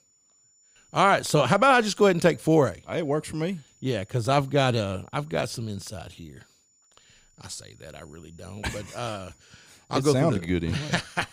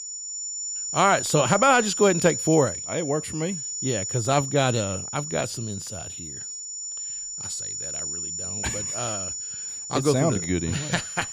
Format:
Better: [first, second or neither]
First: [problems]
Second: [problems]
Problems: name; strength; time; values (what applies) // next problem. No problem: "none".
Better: first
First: high-pitched whine; faint; throughout; 7 kHz, 35 dB below the speech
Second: high-pitched whine; loud; throughout; 7 kHz, 5 dB below the speech